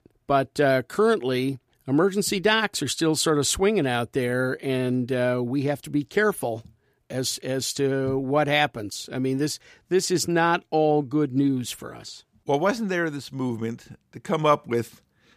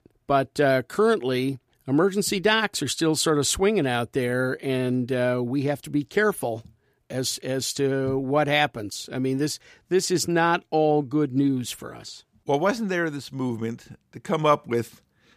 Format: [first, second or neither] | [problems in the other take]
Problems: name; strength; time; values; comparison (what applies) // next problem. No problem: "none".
neither | none